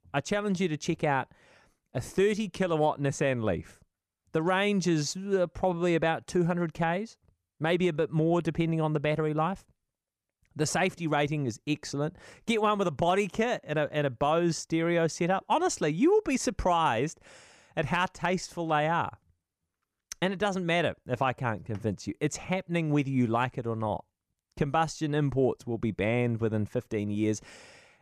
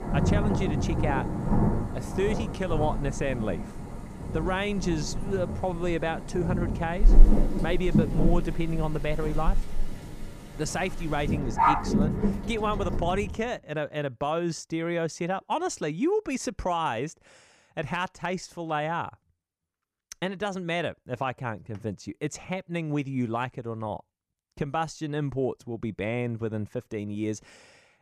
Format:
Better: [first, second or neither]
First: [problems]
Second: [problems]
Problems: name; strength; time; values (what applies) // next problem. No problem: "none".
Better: first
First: none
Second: rain or running water; very loud; until 13 s; 2 dB above the speech